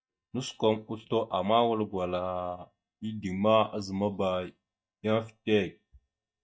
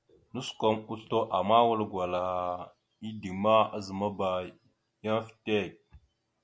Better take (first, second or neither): second